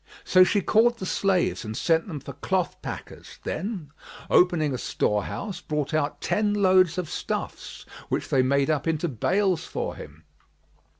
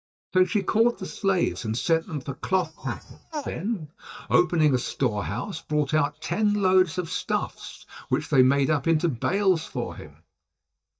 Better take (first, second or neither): first